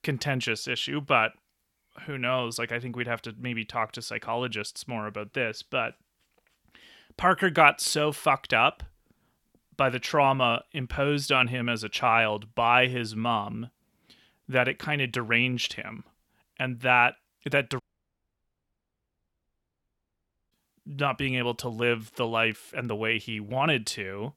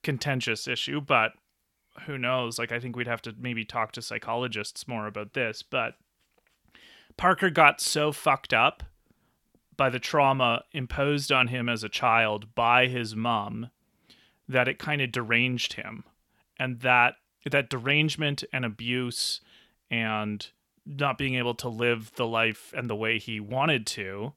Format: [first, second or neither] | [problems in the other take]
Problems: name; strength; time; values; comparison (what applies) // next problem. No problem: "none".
second | audio cutting out; at 18 s for 2.5 s